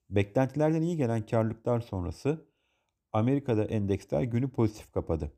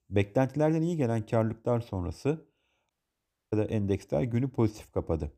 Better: first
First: none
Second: audio cutting out; at 3 s for 0.5 s

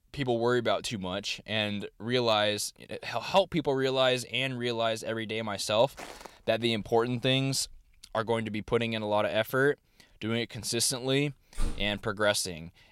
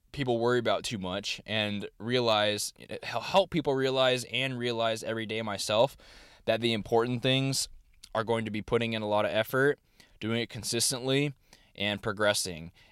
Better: second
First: footsteps; faint; at 6 s; peak 15 dB below the speech // door banging; noticeable; at 12 s; peak 10 dB below the speech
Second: none

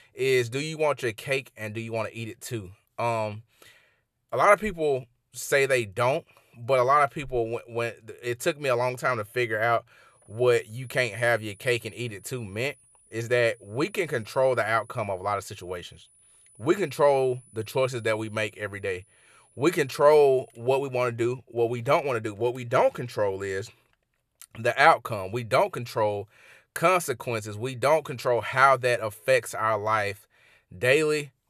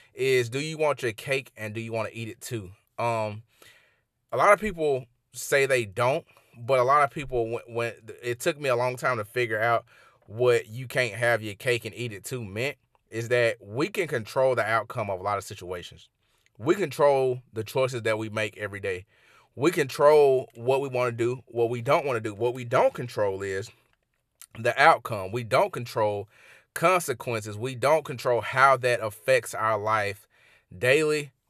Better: second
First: high-pitched whine; faint; from 10 to 21 s; 10 kHz, 30 dB below the speech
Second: none

